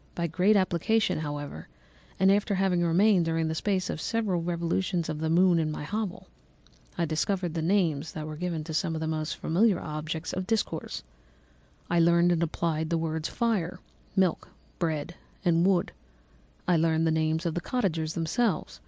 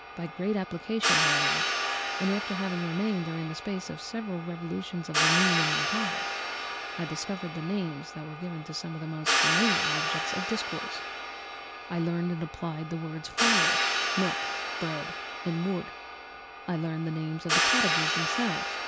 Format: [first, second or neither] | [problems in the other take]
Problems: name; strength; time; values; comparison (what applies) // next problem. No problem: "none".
first | background sound (Hi-hat); 3 dB above the speech